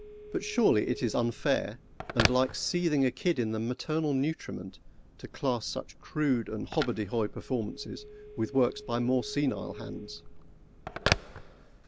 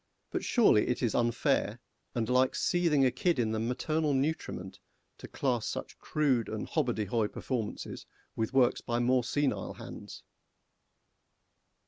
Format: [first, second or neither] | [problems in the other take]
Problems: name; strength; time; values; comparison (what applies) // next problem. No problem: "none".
second | background sound (Telephone); 8 dB below the speech